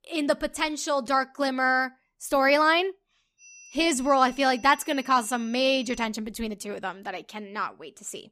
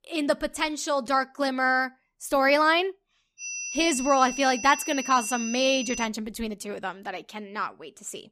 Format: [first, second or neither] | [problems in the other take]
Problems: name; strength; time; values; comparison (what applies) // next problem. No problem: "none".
first | high-pitched whine; loud; from 3.5 to 6 s; 6 kHz, 8 dB below the speech; faint in the first